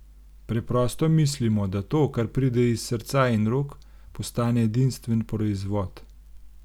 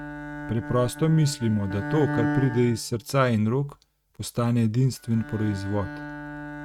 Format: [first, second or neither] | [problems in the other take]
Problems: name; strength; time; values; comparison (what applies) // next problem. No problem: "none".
first | noise reduction (neural mask model RNNoise)